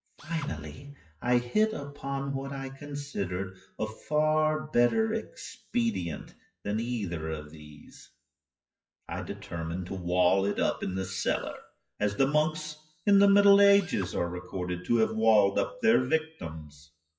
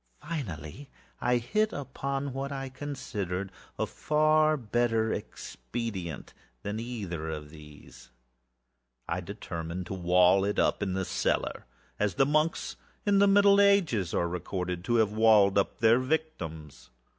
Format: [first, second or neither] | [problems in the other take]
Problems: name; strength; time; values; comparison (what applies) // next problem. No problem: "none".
second | noise reduction (classical method WPE with log-MMSE)